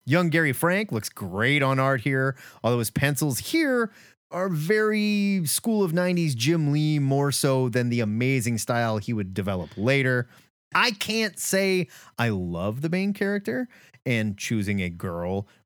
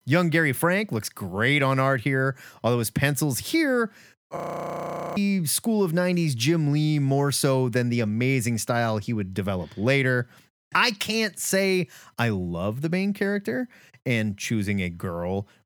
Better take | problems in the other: first | audio freezing; at 4.5 s for 1 s

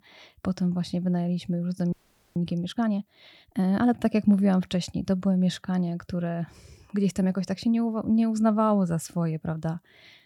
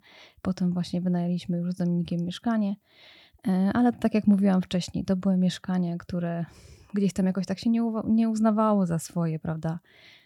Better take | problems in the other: second | audio freezing; at 2 s

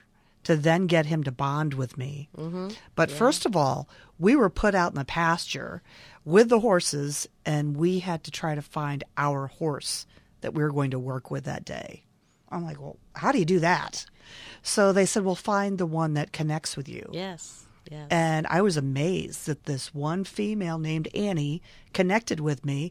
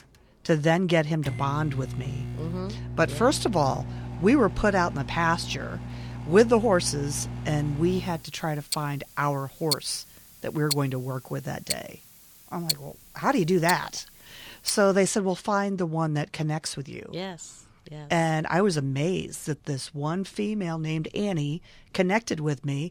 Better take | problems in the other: first | household noises; loud; until 15 s; 8 dB below the speech

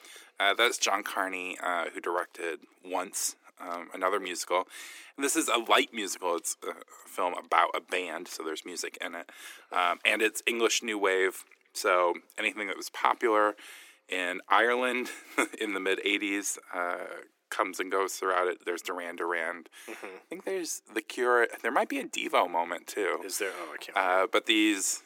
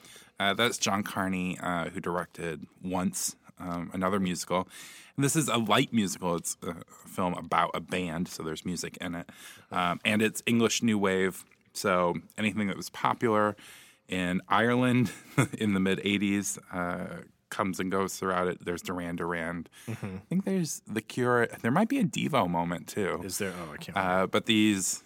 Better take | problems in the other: second | thin; very; fading below 300 Hz

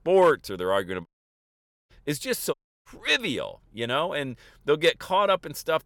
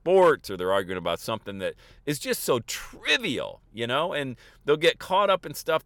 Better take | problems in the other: second | audio cutting out; at 1 s for 1 s and at 2.5 s

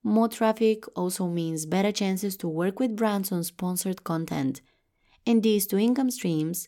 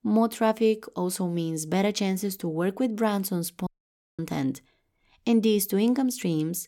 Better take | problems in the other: first | audio cutting out; at 3.5 s for 0.5 s

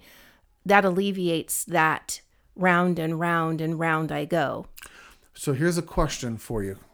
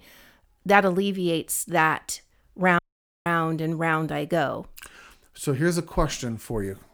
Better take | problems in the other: first | audio cutting out; at 3 s

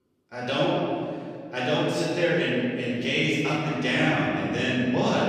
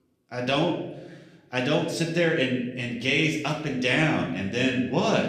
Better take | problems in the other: second | room echo; strong; dies away in 2.3 s; slight in the second // off-mic speech; far; far in the second

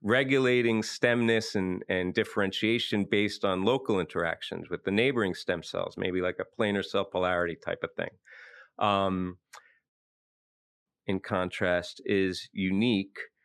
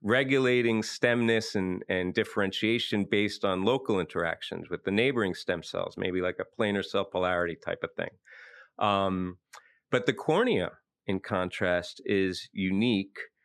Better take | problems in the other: second | audio cutting out; at 10 s for 1 s

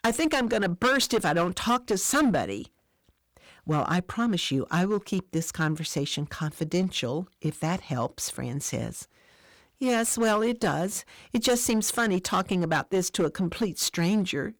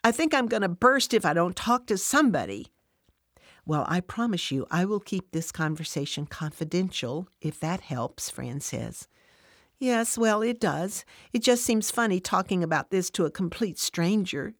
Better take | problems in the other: second | distortion; slight; 7% of the sound clipped

